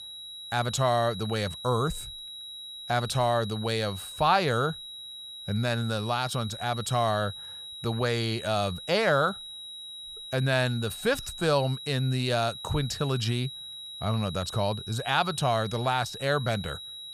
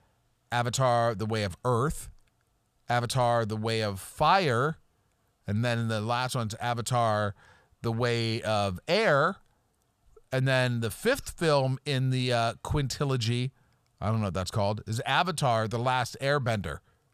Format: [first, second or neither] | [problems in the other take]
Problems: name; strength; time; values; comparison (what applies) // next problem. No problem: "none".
second | high-pitched whine; noticeable; throughout; 4 kHz, 10 dB below the speech